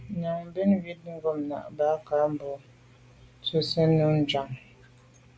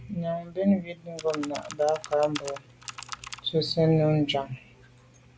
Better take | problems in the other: first | background sound (Computer keyboard); 13 dB below the speech

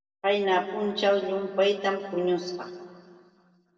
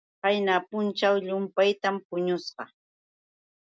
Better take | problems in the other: second | room echo; dies away in 2.1 s

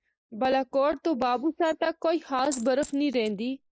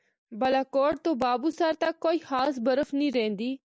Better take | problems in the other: second | noise reduction (neural mask model Resemble Enhance denoiser)

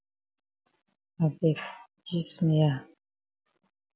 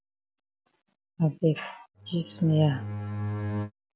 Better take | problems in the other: first | background sound (Bowed string instrument); 4 dB below the speech

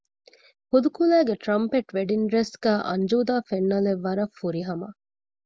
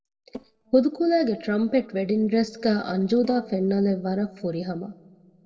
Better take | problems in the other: first | noise reduction (neural separator model SepFormer DNS4)

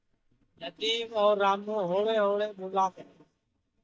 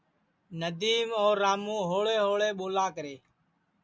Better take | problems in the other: second | noise reduction (neural mask model DeepFilterNet 3)

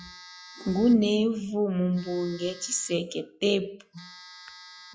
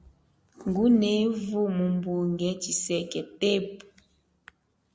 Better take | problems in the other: second | noise reduction (classical method log-MMSE)

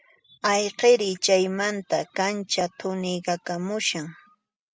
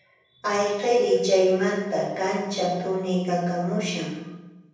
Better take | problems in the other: first | room echo; dies away in 1.1 s

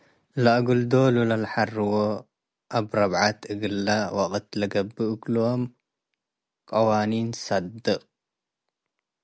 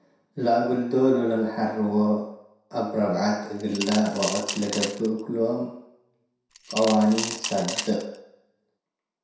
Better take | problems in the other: first | background sound (Coin (dropping) / Glass); 8 dB below the speech // room echo; dies away in 0.7 s

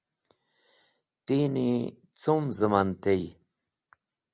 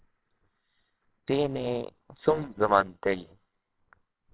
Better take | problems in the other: first | noise reduction (neural separator model SepFormer WHAMR!)

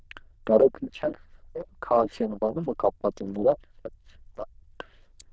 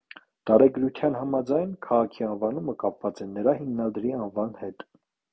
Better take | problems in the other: second | noise reduction (neural diffusion model UNIVERSE++)

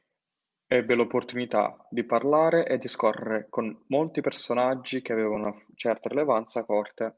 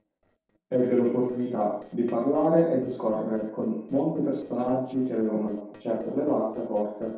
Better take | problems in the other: first | noise reduction (neural separator model SepFormer DNS4)

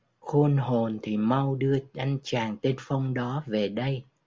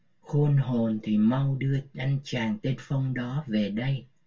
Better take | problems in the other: first | room echo; dies away in 0.1 s

